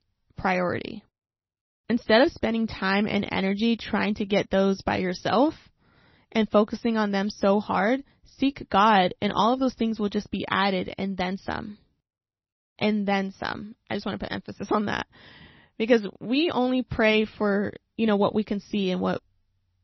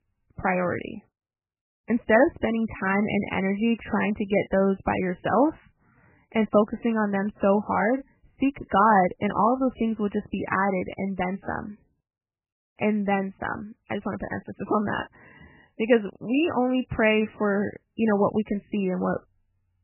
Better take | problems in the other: first | garbled, watery; badly; nothing above 3 kHz; slightly in the first

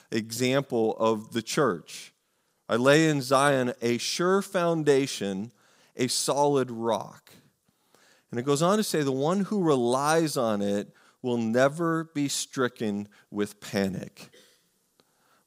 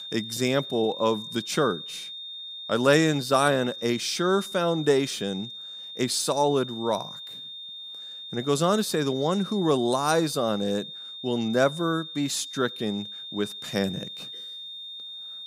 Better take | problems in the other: first | high-pitched whine; noticeable; throughout; 3.5 kHz, 10 dB below the speech

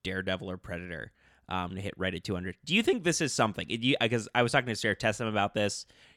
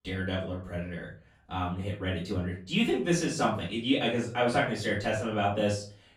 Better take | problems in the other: first | off-mic speech; far // room echo; slight; dies away in 0.3 s

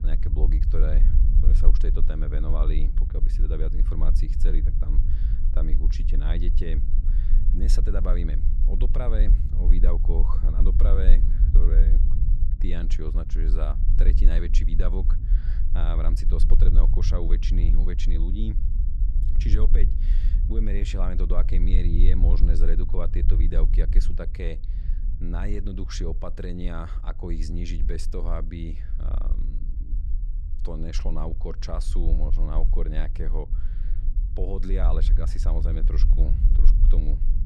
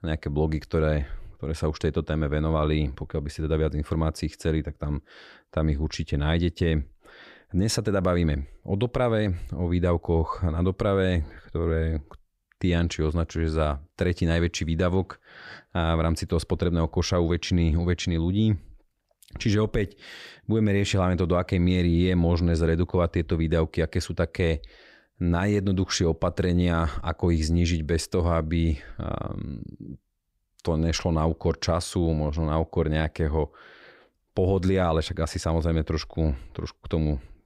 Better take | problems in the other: second | low rumble; loud; throughout; 8 dB below the speech

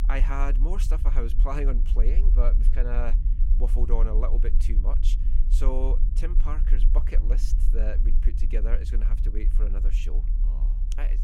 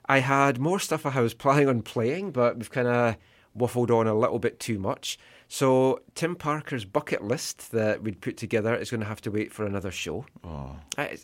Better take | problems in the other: second | low rumble; noticeable; throughout; 10 dB below the speech

